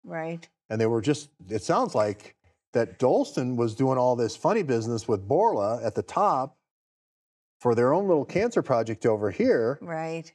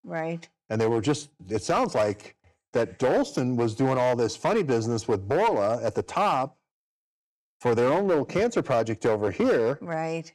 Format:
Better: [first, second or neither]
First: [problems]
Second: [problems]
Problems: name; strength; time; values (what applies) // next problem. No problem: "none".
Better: first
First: none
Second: distortion; slight; 8% of the sound clipped